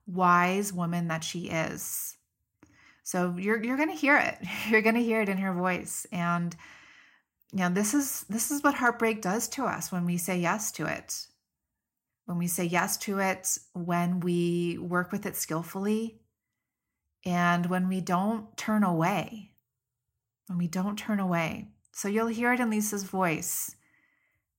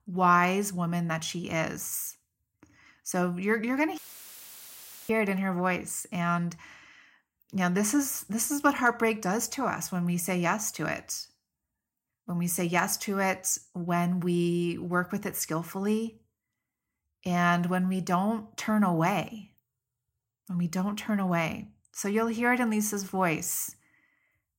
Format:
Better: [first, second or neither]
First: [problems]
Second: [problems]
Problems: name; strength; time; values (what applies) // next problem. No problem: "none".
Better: first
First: none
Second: audio cutting out; filled with static; at 4 s for 1 s